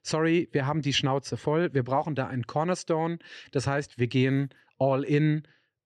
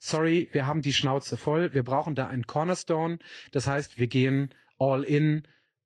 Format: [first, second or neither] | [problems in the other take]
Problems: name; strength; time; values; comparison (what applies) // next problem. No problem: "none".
first | garbled, watery; slightly